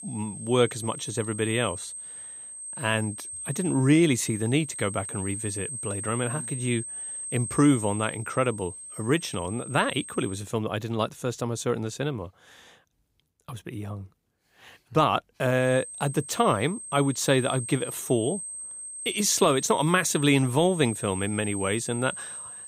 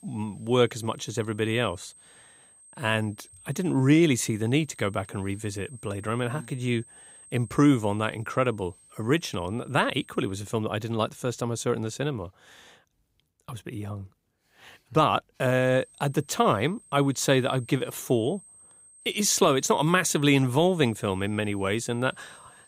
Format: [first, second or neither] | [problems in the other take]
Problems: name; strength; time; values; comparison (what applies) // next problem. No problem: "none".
second | high-pitched whine; loud; until 10 s and from 16 s on; 8.5 kHz, 9 dB below the speech; faint in the second